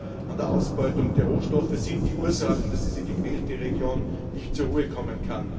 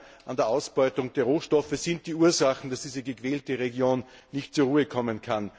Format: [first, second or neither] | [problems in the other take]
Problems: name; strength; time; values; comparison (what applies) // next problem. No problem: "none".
second | background sound (Thunder); 4 dB above the speech // room echo; dies away in 2.4 s